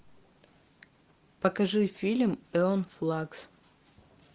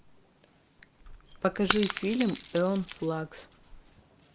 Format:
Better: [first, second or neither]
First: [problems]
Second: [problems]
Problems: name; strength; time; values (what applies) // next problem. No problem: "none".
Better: first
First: none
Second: background sound (Shatter / Crushing); 7 dB below the speech